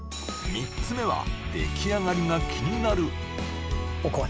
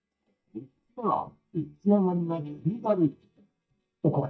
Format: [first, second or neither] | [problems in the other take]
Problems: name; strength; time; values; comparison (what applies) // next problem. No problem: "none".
first | noise reduction (neural mask model DeepFilterNet 3)